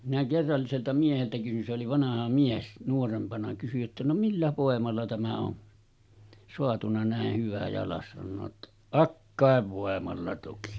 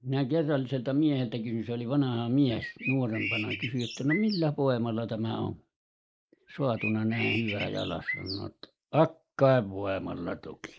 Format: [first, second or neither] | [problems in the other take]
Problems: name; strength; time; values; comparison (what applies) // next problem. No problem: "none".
first | noise reduction (neural mask model Resemble Enhance denoiser)